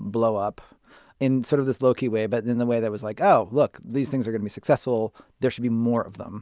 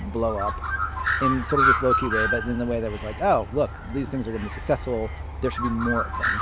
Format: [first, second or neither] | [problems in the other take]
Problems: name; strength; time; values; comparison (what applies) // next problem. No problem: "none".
first | background sound (Bird); as loud as the speech